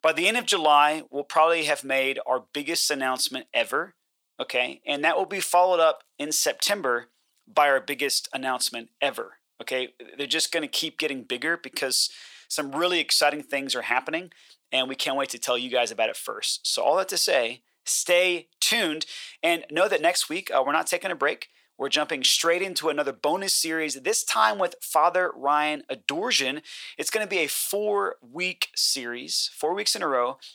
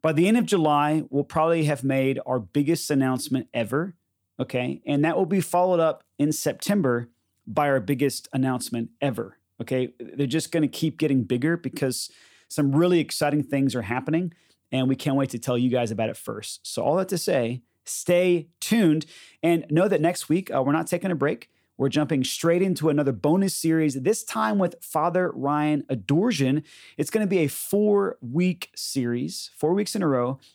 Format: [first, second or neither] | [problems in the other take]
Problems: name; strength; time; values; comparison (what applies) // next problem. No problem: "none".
second | thin; very; fading below 700 Hz